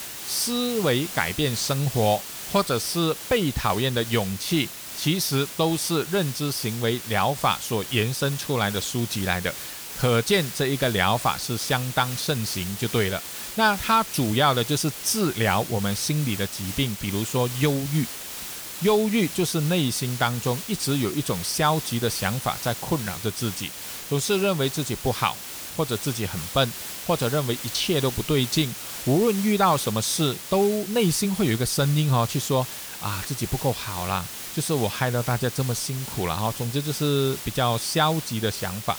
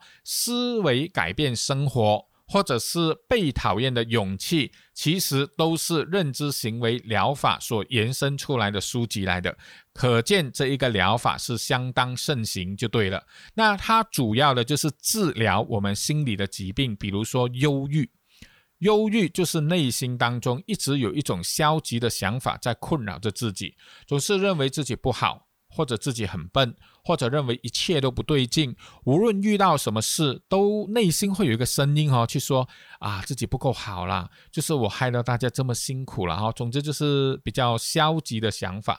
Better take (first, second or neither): second